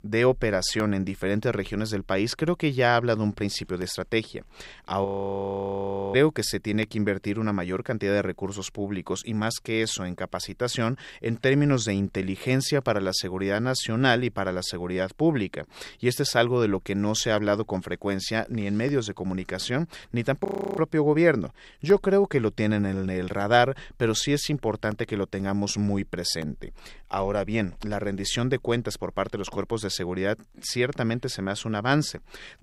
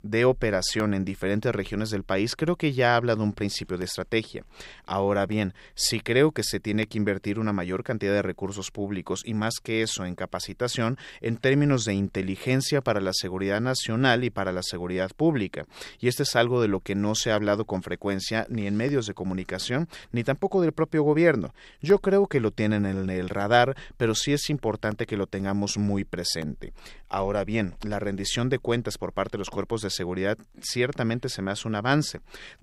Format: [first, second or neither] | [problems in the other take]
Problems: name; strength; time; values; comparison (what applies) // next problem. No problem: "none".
second | audio freezing; at 5 s for 1 s and at 20 s